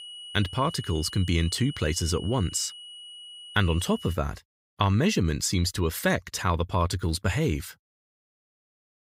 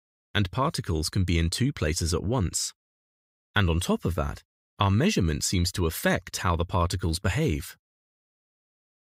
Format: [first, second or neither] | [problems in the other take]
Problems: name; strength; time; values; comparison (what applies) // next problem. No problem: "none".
second | high-pitched whine; noticeable; until 4 s; 3 kHz, 15 dB below the speech